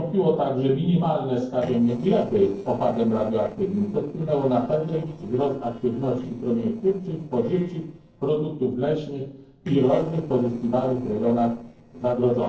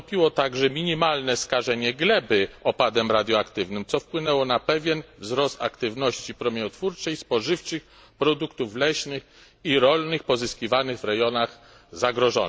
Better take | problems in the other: second | noise reduction (neural separator model SepFormer DNS4)

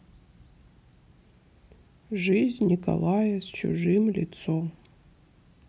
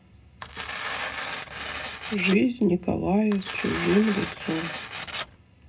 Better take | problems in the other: first | background sound (Tearing); 7 dB below the speech // room echo; dies away in 0.2 s

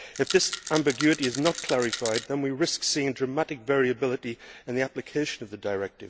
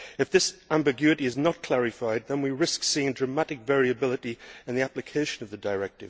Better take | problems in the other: second | background sound (Rattle); 8 dB below the speech

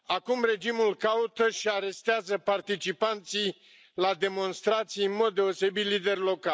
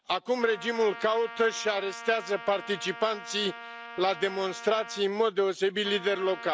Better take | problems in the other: first | background sound (Trumpet); 14 dB below the speech

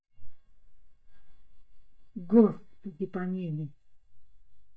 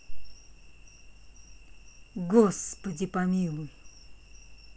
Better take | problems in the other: second | noise reduction (neural mask model DeepFilterNet 3)

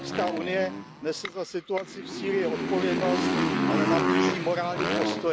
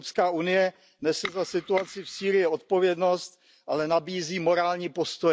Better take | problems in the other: second | background sound (Motorcycle); 2 dB above the speech

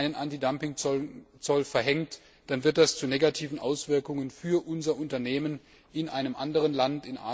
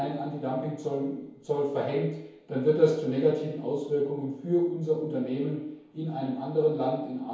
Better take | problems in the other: first | room echo; dies away in 1 s

